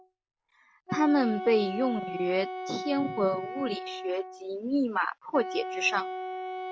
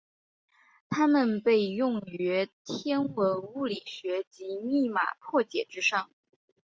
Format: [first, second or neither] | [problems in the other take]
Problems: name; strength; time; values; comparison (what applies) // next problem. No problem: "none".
second | background sound (Wind instrument, woodwind instrument); 8 dB below the speech